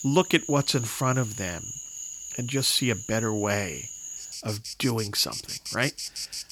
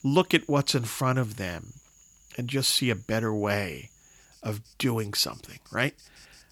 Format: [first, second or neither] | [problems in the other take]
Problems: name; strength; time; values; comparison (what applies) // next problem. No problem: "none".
second | animal sounds; loud; throughout; 8 dB below the speech; faint in the second